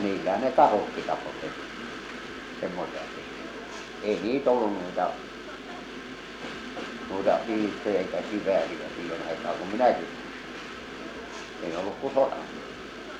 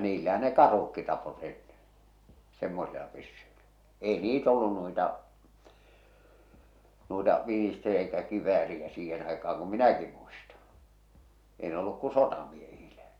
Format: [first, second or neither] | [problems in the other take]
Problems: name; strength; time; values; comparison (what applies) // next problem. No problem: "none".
second | background sound (Train); 9 dB below the speech